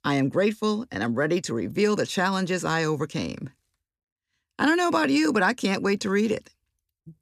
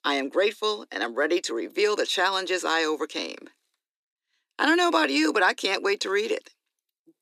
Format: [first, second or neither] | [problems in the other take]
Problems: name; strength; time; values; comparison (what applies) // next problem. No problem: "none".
first | thin; somewhat; fading below 300 Hz